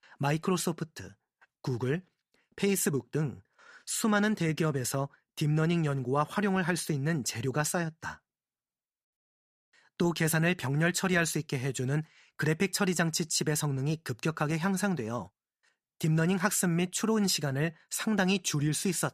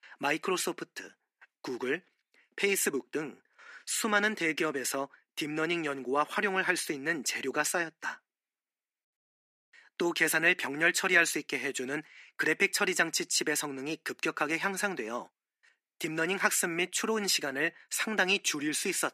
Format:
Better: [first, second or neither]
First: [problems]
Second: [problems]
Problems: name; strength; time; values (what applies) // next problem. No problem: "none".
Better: first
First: none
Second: thin; somewhat; fading below 300 Hz